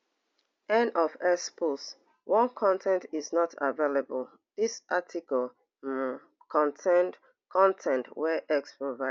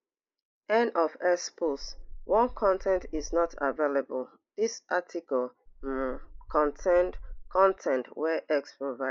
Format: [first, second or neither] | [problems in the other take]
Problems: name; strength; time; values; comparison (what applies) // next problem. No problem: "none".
first | noise reduction (neural mask model Resemble Enhance denoiser)